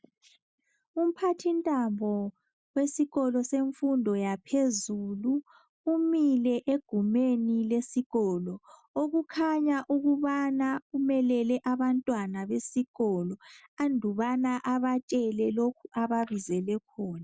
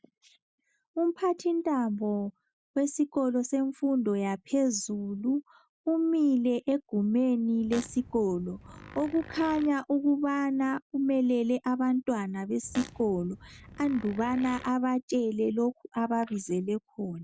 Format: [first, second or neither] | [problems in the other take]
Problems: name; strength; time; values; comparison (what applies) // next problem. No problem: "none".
first | background sound (Fart); 17 dB below the speech